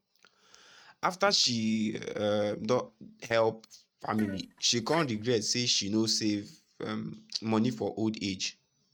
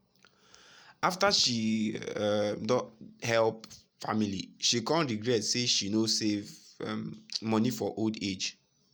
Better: second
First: noise reduction (neural mask model RNNoise)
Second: none

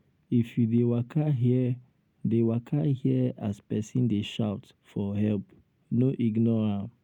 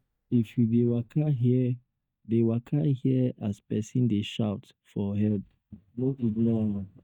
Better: first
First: none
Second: noise reduction (neural mask model DeepFilterNet 3)

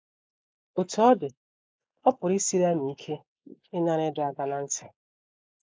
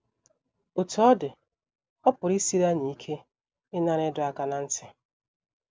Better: second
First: noise reduction (neural mask model Resemble Enhance denoiser)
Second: none

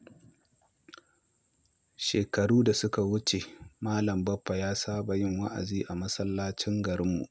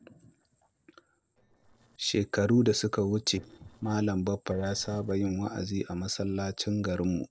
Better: first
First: none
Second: noise reduction (neural separator model SepFormer DNS4)

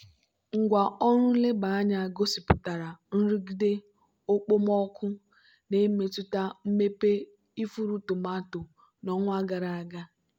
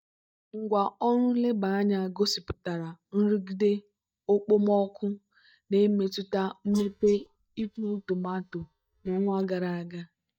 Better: first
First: none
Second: noise reduction (neural mask model DeepFilterNet 3)

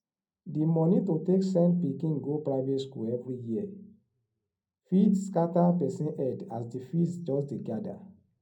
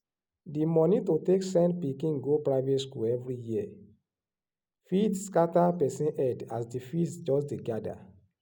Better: second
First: room echo; dies away in 0.2 s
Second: none

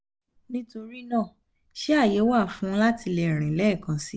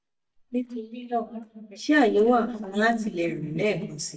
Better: first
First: none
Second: noise reduction (neural mask model DeepFilterNet 3)

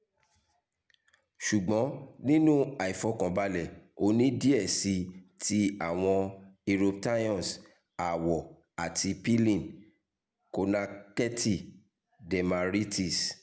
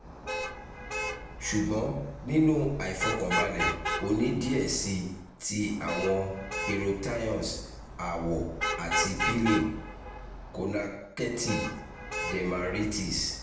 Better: first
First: none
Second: background sound (Traffic noise, roadway noise / Vehicle horn, car horn, honking); 4 dB below the speech // room echo; dies away in 0.7 s

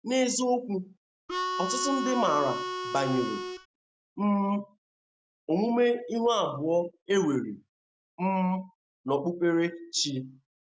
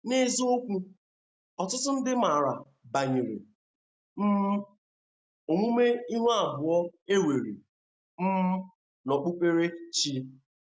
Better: second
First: background sound (Harmonica); 4 dB below the speech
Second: none

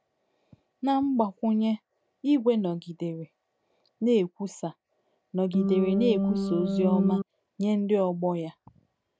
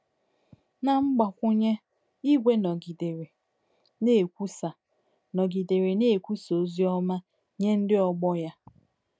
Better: second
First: background sound (Organ); 2 dB above the speech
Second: none

